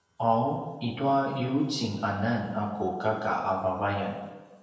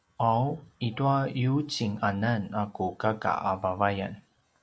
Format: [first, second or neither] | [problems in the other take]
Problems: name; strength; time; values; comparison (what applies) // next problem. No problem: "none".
second | room echo; dies away in 1 s